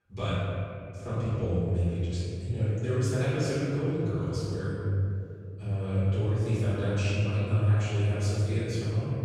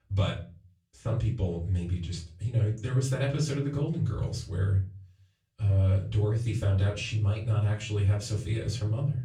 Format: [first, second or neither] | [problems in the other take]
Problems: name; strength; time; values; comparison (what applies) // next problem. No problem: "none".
second | room echo; strong; dies away in 2.5 s; slight in the second // off-mic speech; far; far in the second